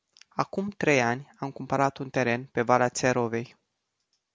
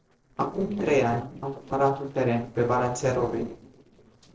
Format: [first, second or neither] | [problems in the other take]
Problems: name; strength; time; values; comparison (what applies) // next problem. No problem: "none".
first | noise reduction (neural separator model SepFormer DNS4)